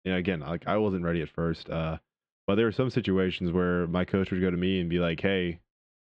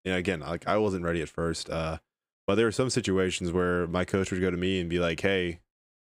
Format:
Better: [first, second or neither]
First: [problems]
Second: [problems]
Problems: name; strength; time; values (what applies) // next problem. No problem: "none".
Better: second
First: muffled; slightly; fading above 3.5 kHz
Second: none